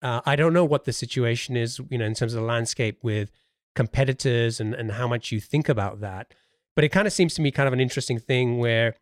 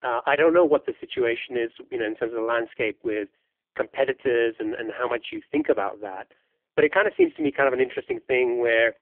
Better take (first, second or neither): first